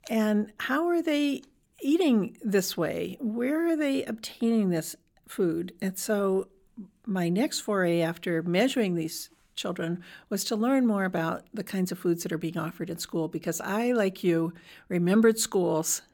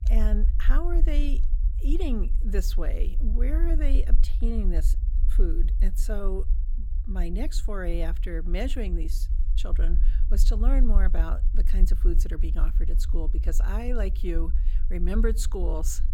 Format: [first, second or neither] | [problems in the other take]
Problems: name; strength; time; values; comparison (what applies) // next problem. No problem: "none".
first | low rumble; noticeable; throughout; 15 dB below the speech